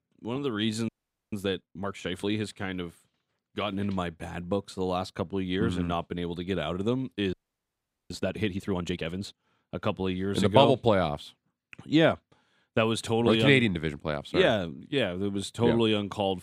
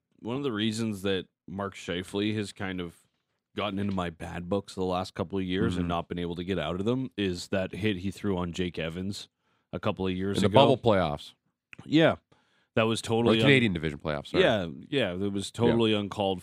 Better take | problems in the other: second | audio freezing; at 1 s and at 7.5 s for 1 s

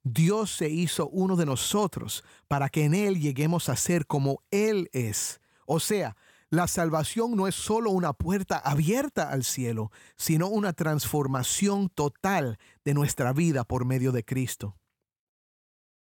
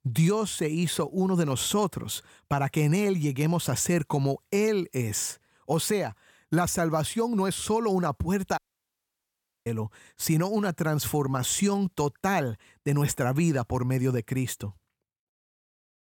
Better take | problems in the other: first | audio cutting out; at 8.5 s for 1 s

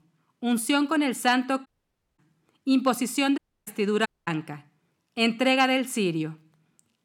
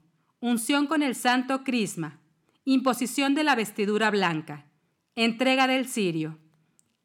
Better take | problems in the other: second | audio cutting out; at 1.5 s for 0.5 s, at 3.5 s and at 4 s

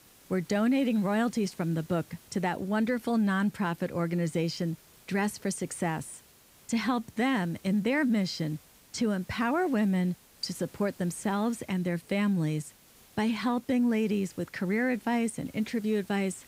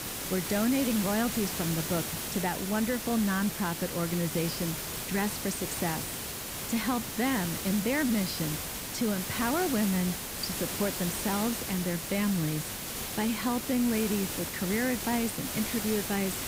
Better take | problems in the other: first | hiss; loud; throughout; 3 dB below the speech; faint in the first

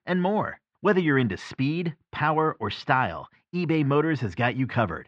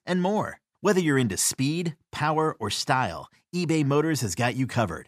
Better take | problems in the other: second | muffled; very; fading above 3.5 kHz

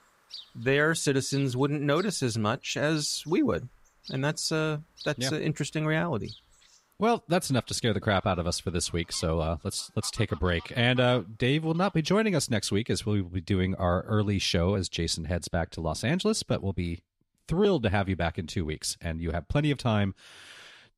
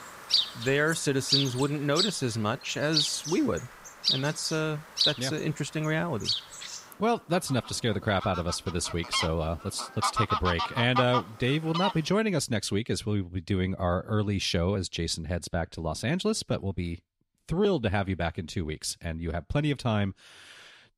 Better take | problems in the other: first | animal sounds; loud; until 12 s; as loud as the speech; faint in the first

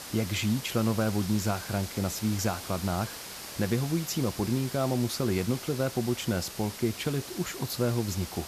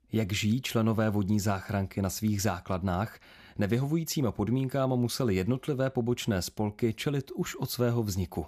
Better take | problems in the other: second | hiss; loud; throughout; 9 dB below the speech

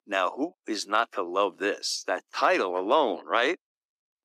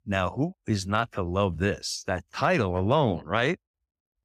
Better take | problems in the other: second | thin; somewhat; fading below 300 Hz

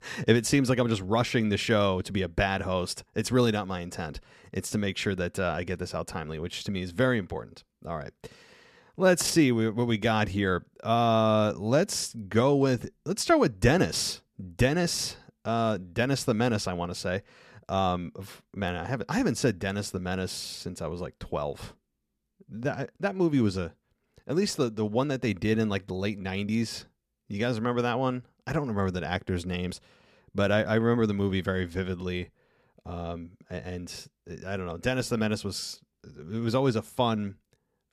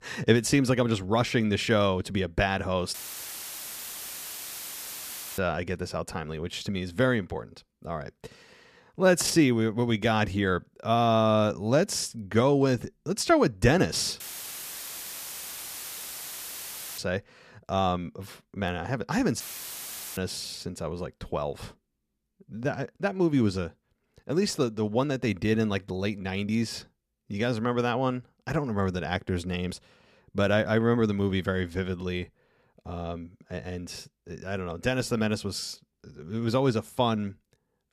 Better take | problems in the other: first | audio cutting out; filled with static; at 3 s for 2.5 s, at 14 s for 3 s and at 19 s for 1 s

